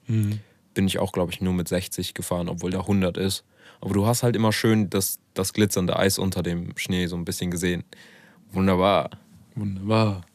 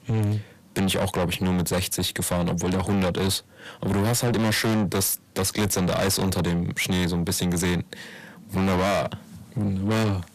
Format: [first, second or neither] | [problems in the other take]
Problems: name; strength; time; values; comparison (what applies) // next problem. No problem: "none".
first | distortion; heavy; 6 dB below the speech